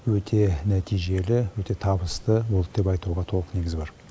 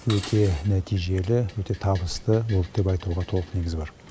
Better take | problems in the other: first | background sound (Dishes, pots, and pans); 20 dB below the speech

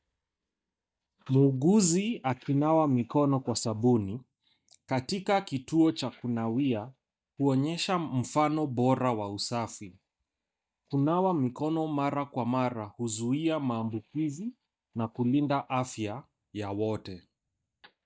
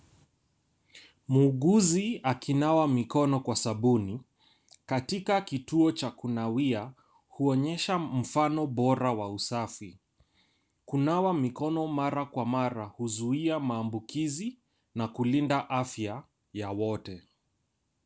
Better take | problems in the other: second | noise reduction (neural mask model DeepFilterNet 3)

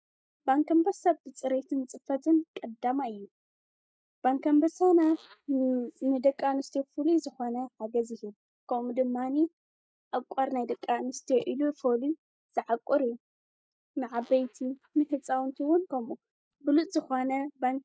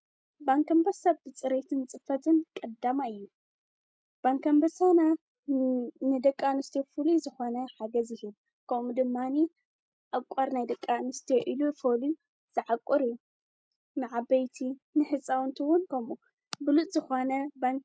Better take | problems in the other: second | noise reduction (neural mask model DeepFilterNet 3)

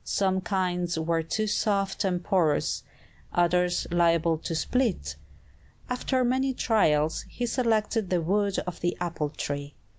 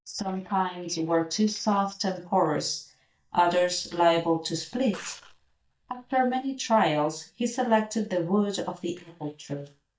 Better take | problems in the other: first | noise reduction (neural mask model DeepFilterNet 3)

